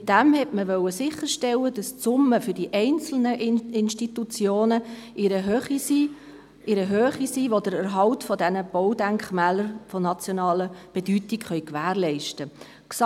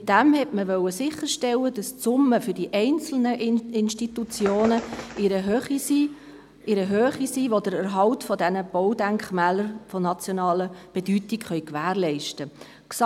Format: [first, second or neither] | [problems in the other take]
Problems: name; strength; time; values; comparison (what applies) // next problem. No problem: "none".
first | background sound (Bird); 14 dB below the speech